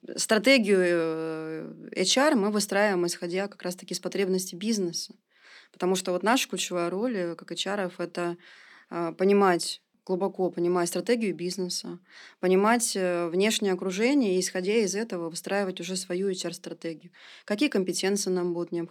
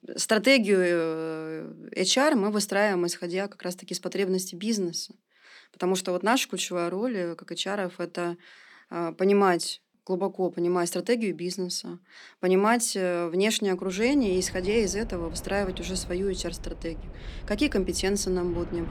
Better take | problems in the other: first | wind in the background; noticeable; from 14 s on; 15 dB below the speech

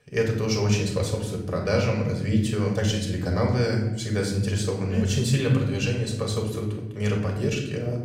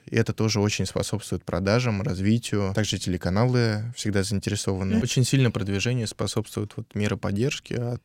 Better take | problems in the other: second | off-mic speech; somewhat distant // room echo; noticeable; dies away in 1 s

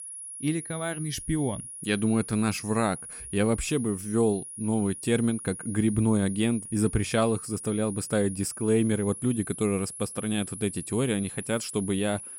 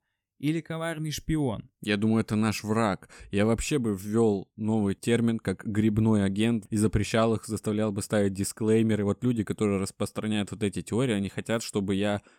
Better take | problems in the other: second | high-pitched whine; loud; throughout; 10.5 kHz, 10 dB below the speech

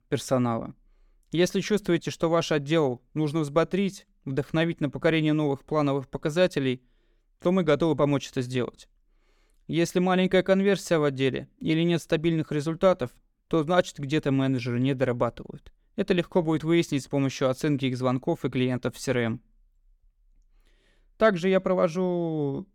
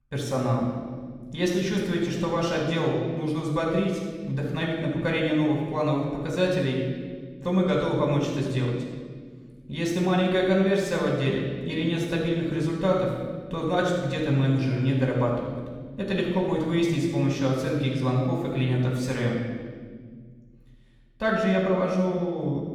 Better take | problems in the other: first | off-mic speech; far // room echo; noticeable; dies away in 1.5 s

